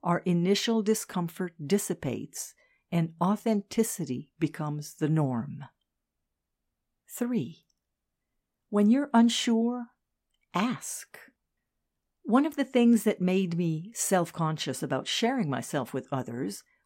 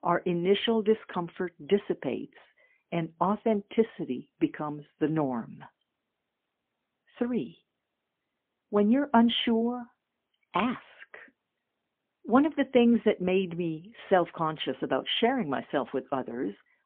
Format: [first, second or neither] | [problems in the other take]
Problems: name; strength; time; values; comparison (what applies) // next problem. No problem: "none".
first | phone-call audio; poor line; nothing above 3.5 kHz